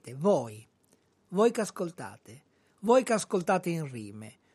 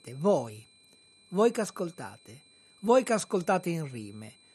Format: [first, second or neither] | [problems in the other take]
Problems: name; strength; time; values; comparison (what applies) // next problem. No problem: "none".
first | high-pitched whine; faint; throughout; 4 kHz, 30 dB below the speech